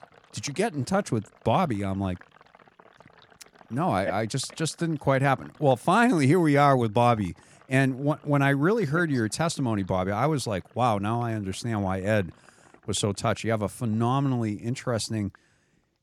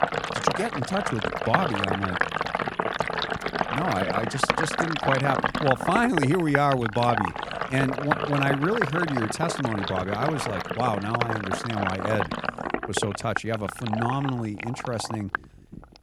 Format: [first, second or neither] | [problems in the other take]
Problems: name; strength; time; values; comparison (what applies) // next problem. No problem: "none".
first | household noises; loud; throughout; 1 dB below the speech; faint in the first